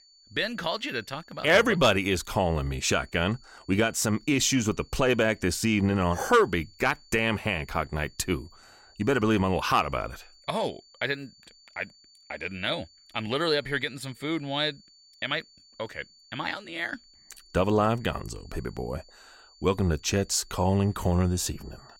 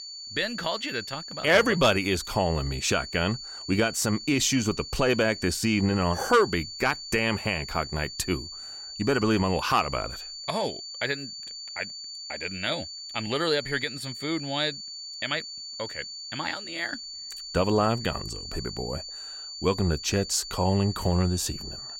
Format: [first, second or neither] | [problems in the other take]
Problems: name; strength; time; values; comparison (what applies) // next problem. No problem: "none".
first | high-pitched whine; loud; throughout; 4.5 kHz, 10 dB below the speech; faint in the first